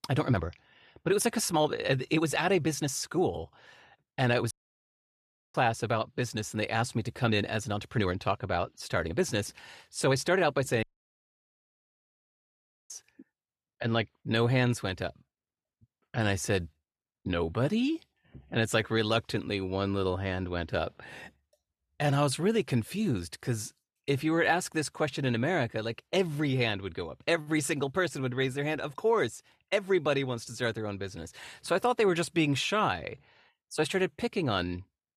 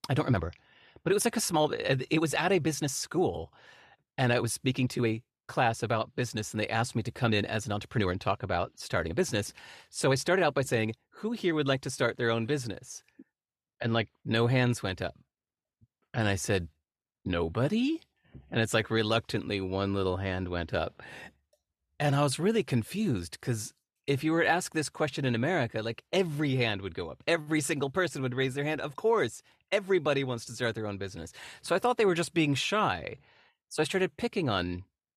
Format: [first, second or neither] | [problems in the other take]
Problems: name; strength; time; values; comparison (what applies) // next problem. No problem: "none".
second | audio cutting out; at 4.5 s for 1 s and at 11 s for 2 s